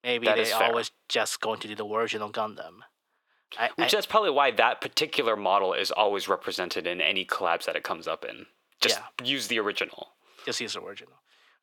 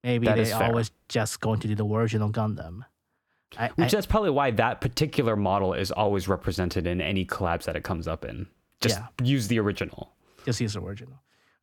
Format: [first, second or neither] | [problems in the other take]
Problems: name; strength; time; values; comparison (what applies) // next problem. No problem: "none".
second | thin; very; fading below 500 Hz